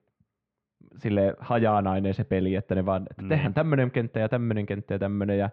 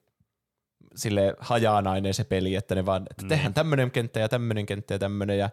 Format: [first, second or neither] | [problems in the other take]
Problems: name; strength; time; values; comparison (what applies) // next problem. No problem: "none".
second | muffled; very; fading above 2.5 kHz